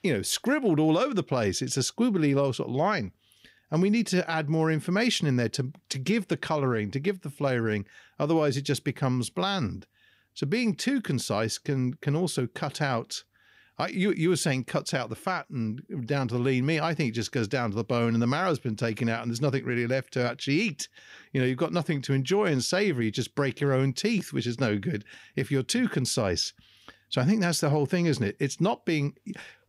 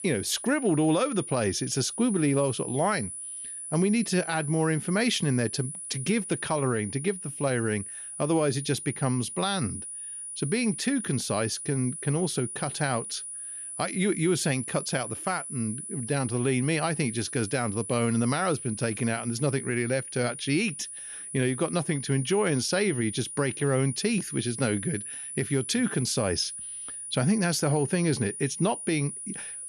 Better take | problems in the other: first | high-pitched whine; loud; throughout; 10 kHz, 8 dB below the speech

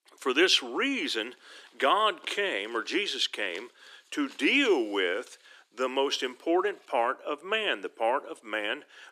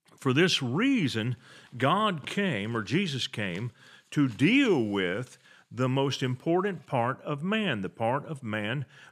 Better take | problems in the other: second | thin; somewhat; fading below 300 Hz

